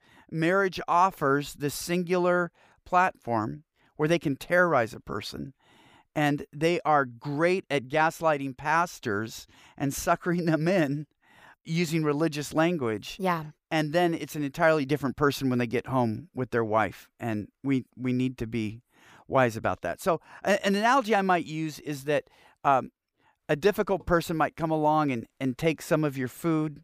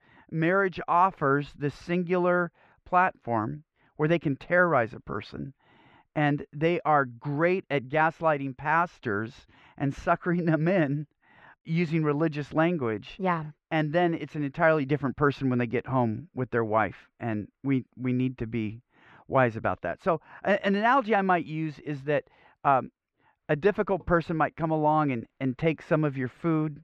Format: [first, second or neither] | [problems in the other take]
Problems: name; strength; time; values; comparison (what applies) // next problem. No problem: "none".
first | muffled; slightly; fading above 2 kHz